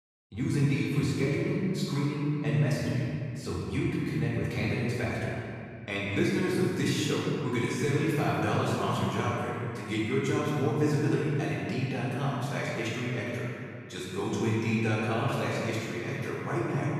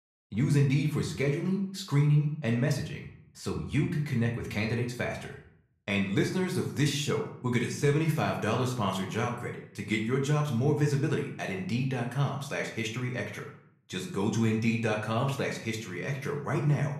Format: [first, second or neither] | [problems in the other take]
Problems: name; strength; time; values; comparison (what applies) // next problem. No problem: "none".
second | room echo; strong; dies away in 2.4 s; slight in the second // off-mic speech; far; somewhat distant in the second